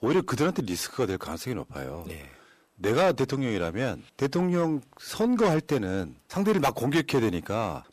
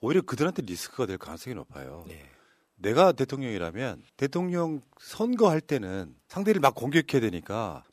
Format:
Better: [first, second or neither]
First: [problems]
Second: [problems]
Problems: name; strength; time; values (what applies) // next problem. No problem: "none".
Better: second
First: distortion; heavy; 7 dB below the speech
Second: none